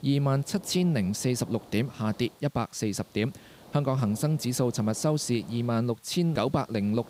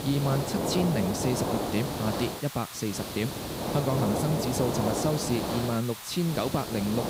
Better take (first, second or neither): first